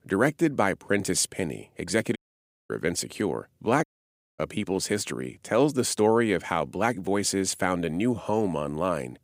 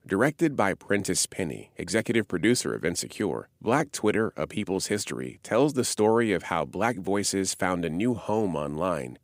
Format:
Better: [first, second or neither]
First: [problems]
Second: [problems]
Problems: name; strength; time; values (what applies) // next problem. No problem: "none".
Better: second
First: audio cutting out; at 2 s for 0.5 s and at 4 s for 0.5 s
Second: none